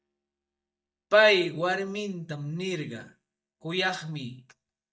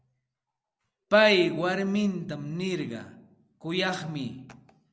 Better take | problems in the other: second | noise reduction (neural mask model DeepFilterNet 3)

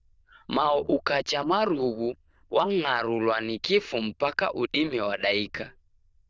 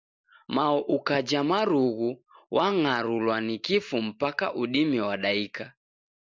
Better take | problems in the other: second | noise reduction (neural diffusion model UNIVERSE++)

